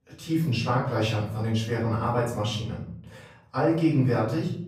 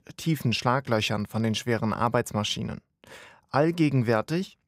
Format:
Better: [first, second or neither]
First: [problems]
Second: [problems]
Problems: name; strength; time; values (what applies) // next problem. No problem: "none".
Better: second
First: off-mic speech; far // room echo; noticeable; dies away in 0.8 s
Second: none